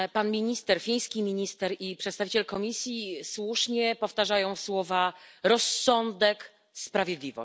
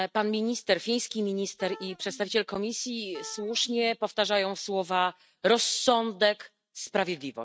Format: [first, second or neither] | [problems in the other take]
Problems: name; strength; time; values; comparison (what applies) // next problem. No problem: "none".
first | noise reduction (neural mask model RNNoise)